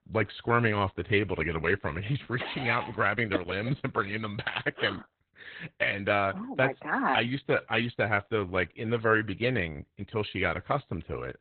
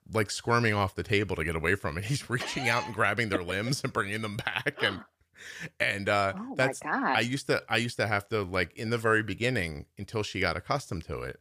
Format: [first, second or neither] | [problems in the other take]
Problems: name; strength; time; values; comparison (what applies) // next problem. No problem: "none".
second | garbled, watery; badly; nothing above 4 kHz